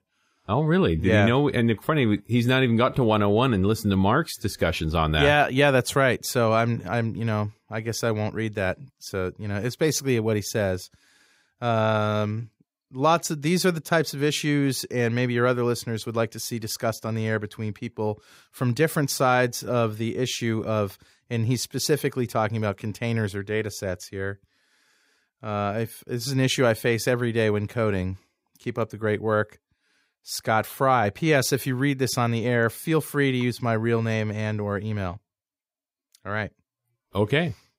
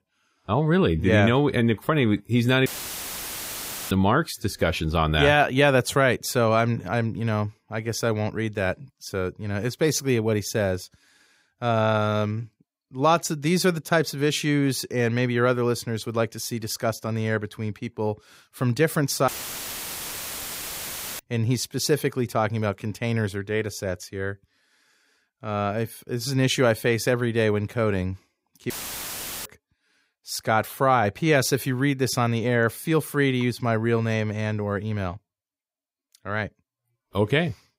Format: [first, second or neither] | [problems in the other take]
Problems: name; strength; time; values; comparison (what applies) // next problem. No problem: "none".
first | audio cutting out; filled with static; at 2.5 s for 1.5 s, at 19 s for 2 s and at 29 s for 1 s